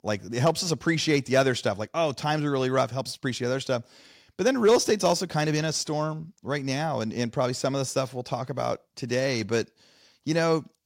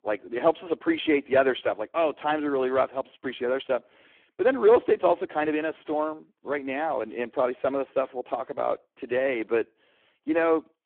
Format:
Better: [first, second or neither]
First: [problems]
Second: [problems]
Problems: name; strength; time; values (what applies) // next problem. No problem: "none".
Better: first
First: none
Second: phone-call audio; poor line